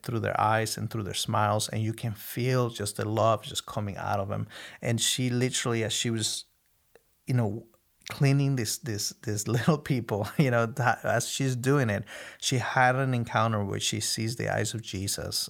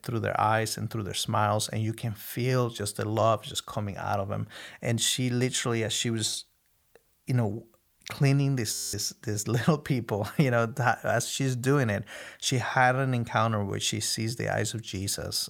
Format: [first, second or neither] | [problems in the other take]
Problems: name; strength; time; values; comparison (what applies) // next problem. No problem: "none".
first | audio freezing; at 8.5 s